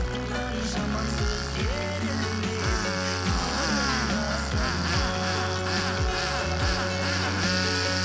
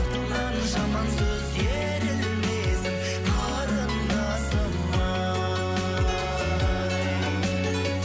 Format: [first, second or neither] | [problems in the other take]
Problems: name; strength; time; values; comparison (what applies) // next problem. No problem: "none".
second | background sound (Tools); 3 dB below the speech